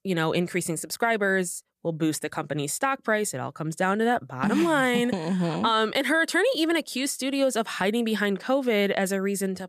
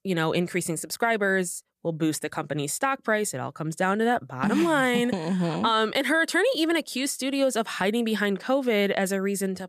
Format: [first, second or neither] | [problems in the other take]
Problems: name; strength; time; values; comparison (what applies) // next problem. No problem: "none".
neither | none